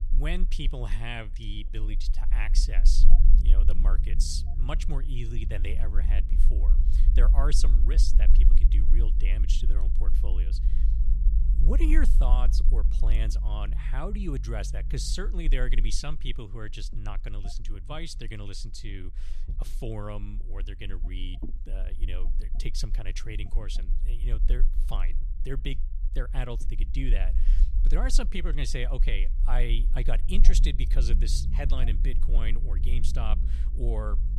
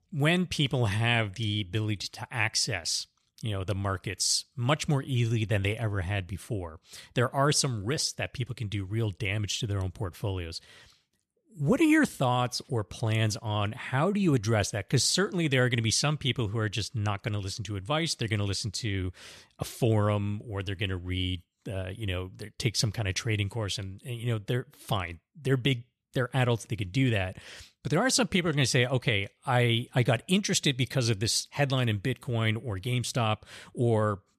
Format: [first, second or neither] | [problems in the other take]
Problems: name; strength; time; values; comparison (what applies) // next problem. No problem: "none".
second | low rumble; noticeable; throughout; 10 dB below the speech